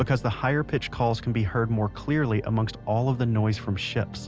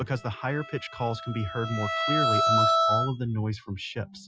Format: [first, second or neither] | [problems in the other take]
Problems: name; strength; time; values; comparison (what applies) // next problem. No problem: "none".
first | noise reduction (classical method Wiener filter)